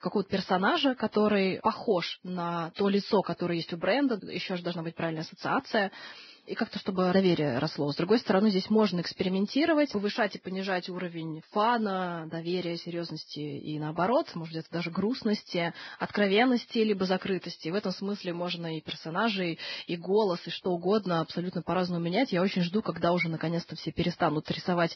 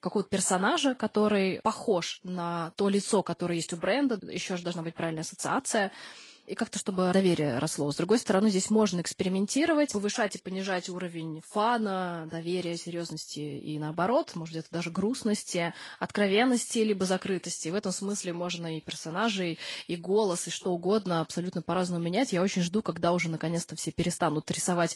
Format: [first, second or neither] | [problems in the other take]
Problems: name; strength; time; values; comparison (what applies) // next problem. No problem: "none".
second | garbled, watery; badly; nothing above 5.5 kHz; slightly in the second